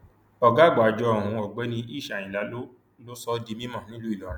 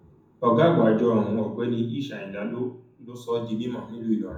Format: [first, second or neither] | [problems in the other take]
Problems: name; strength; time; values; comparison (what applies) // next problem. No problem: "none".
first | room echo; dies away in 0.6 s